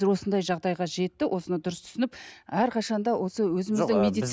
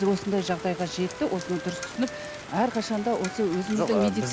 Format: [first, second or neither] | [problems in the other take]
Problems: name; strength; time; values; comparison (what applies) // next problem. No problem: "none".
first | background sound (Rain + Wind instrument, woodwind instrument); 11 dB below the speech